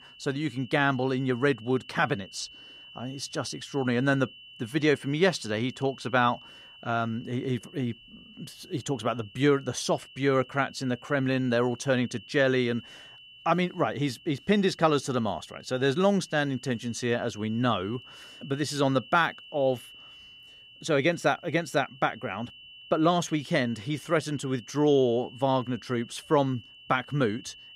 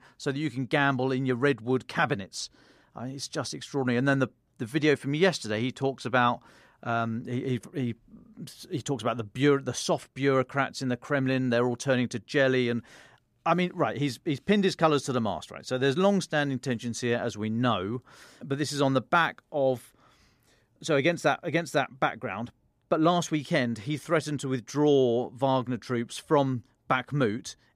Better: second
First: high-pitched whine; noticeable; throughout; 3 kHz, 20 dB below the speech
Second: none

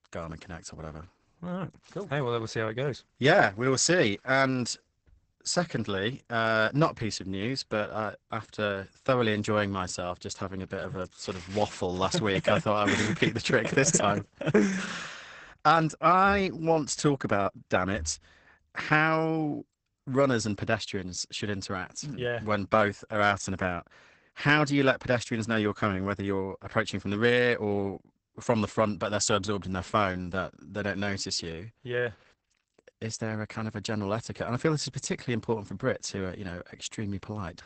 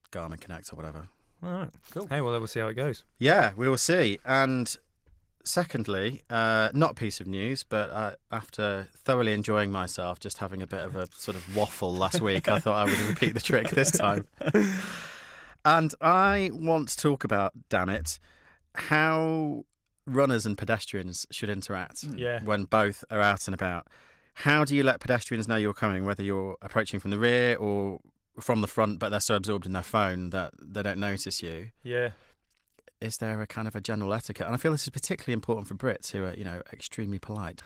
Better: second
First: garbled, watery; badly; nothing above 8 kHz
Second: garbled, watery; slightly; nothing above 16 kHz

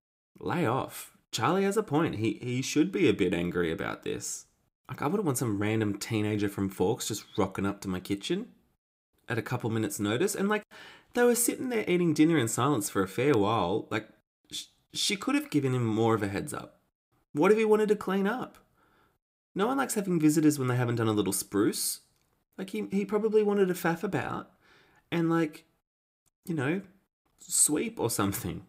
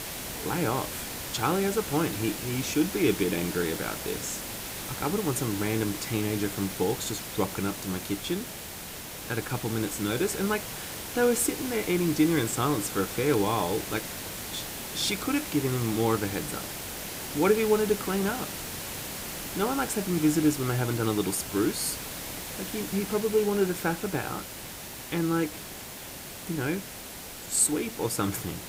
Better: first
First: none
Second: hiss; loud; throughout; 7 dB below the speech

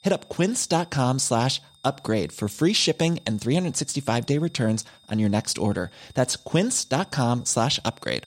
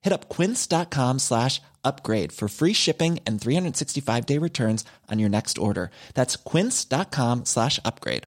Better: second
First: high-pitched whine; faint; throughout; 3.5 kHz, 30 dB below the speech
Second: none

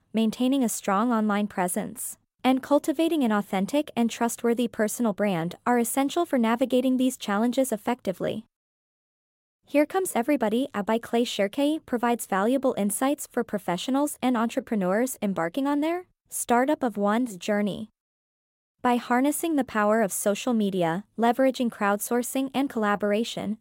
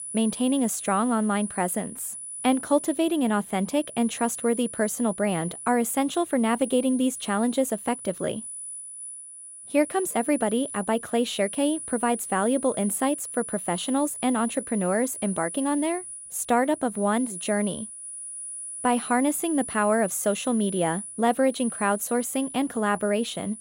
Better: first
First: none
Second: high-pitched whine; loud; throughout; 10 kHz, 9 dB below the speech

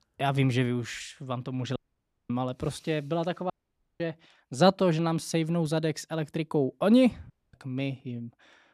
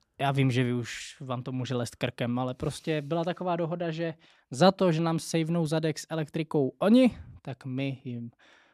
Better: second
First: audio cutting out; at 2 s for 0.5 s, at 3.5 s for 0.5 s and at 7.5 s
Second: none

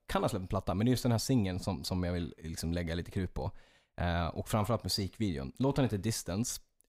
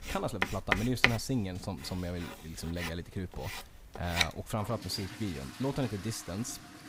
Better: first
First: none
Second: household noises; very loud; throughout; 2 dB above the speech

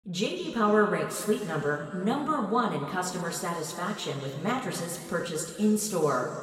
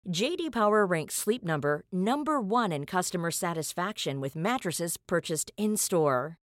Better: second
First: room echo; noticeable; dies away in 2.1 s // off-mic speech; somewhat distant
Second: none

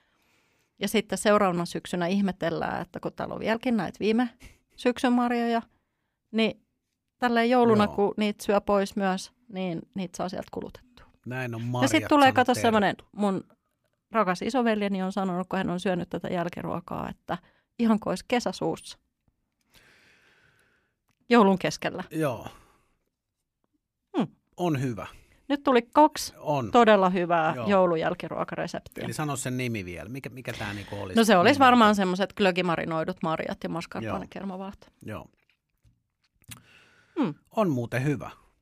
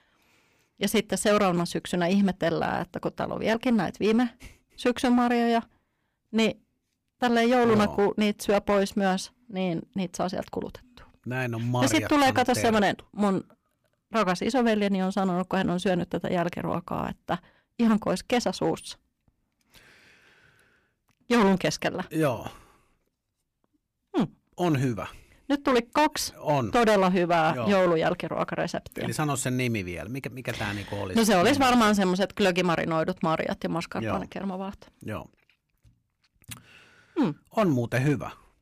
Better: first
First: none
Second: distortion; heavy; 5% of the sound clipped

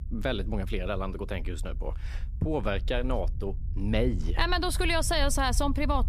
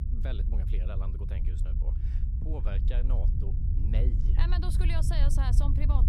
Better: first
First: low rumble; faint; throughout; 25 dB below the speech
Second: low rumble; loud; throughout; 5 dB below the speech

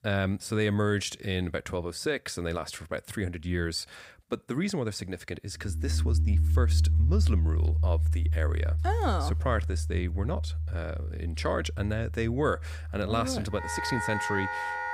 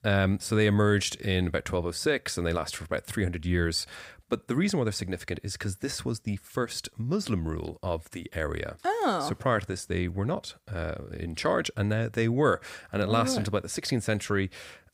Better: second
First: background music; very loud; from 6 s on; 3 dB above the speech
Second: none

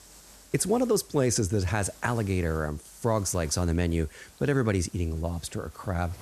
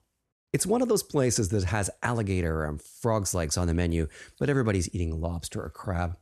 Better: second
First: hiss; faint; throughout; 25 dB below the speech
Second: none

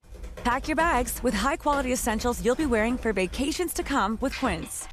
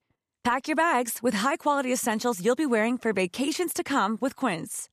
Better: second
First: keyboard typing; noticeable; peak 9 dB below the speech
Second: none

